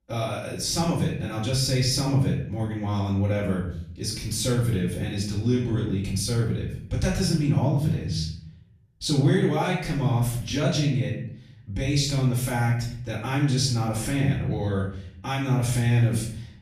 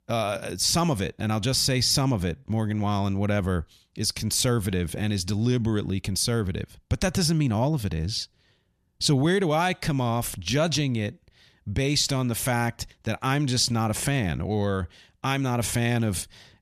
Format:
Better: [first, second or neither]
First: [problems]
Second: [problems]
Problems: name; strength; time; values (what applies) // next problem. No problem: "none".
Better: second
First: off-mic speech; far // room echo; noticeable; dies away in 0.6 s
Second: none